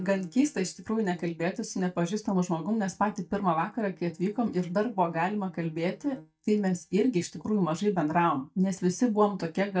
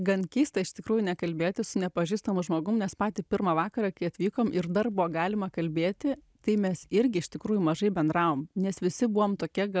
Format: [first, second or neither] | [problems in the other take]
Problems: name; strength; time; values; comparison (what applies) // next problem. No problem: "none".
second | noise reduction (neural mask model DeepFilterNet 3)